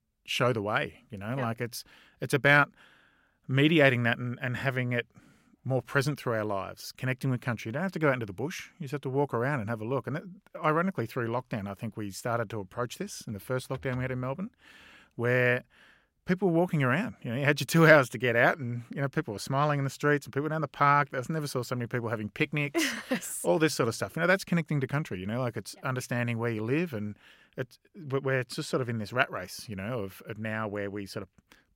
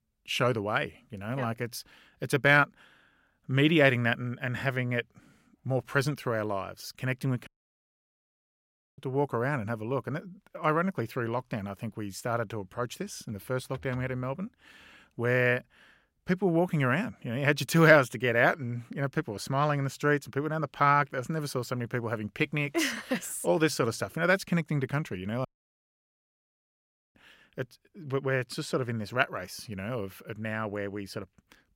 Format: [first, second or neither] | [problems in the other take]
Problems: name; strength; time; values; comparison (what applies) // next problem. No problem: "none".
first | audio cutting out; at 7.5 s for 1.5 s and at 25 s for 1.5 s